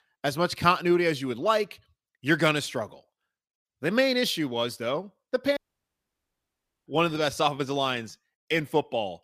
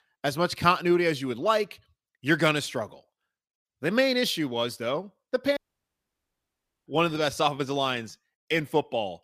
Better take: neither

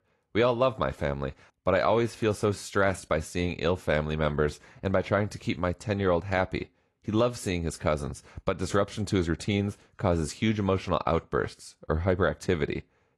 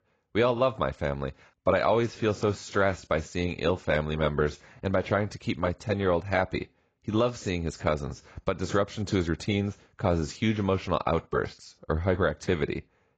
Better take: first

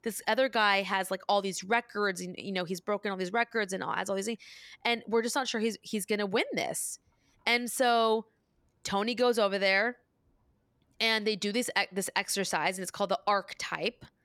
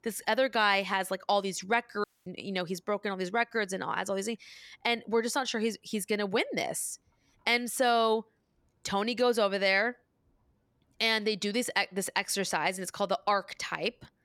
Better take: first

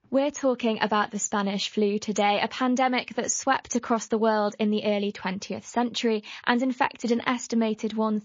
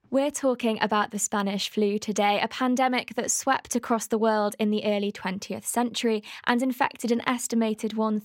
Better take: second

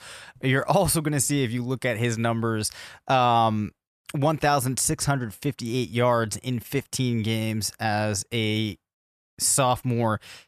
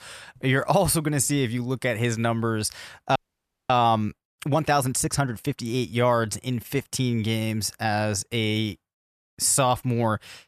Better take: first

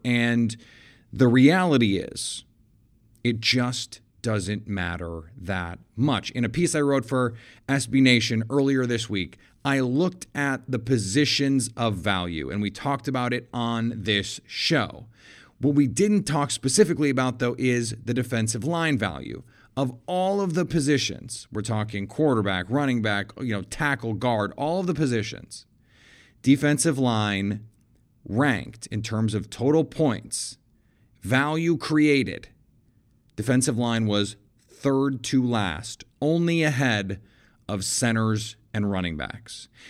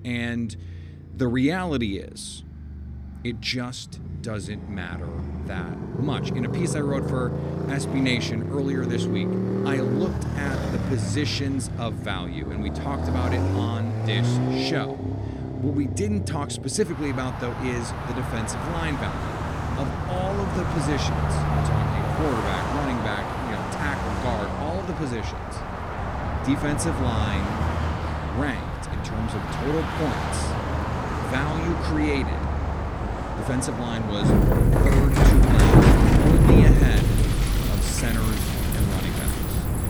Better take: first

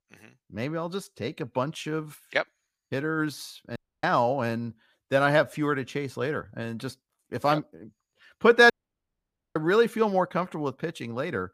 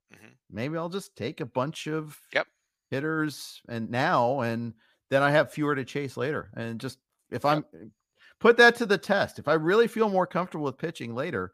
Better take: second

